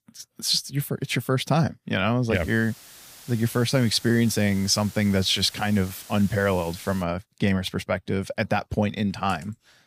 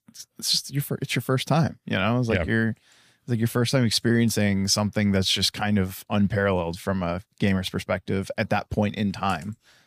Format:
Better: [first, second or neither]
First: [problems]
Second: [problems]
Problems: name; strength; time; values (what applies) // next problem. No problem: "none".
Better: second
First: hiss; noticeable; from 2.5 to 7 s; 20 dB below the speech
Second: none